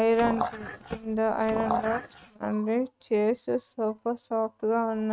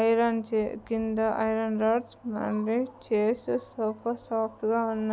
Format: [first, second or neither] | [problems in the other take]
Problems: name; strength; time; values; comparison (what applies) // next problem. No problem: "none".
second | noise reduction (neural mask model RNNoise)